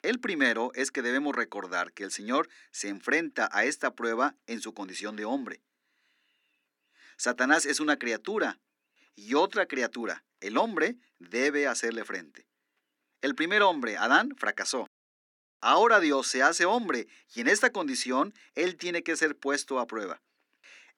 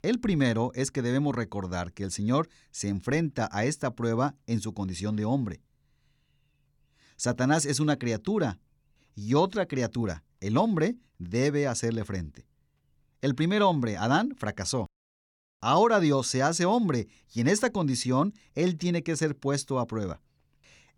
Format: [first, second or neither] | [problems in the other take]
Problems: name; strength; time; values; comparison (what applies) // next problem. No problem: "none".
second | thin; somewhat; fading below 250 Hz